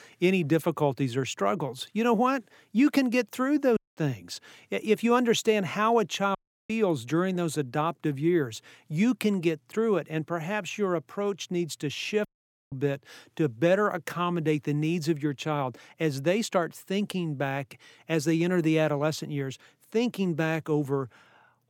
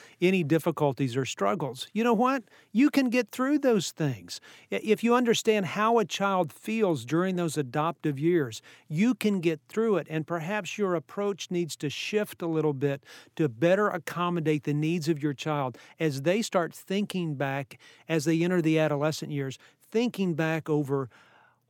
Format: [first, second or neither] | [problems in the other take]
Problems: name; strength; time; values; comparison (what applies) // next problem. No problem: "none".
second | audio cutting out; at 4 s, at 6.5 s and at 12 s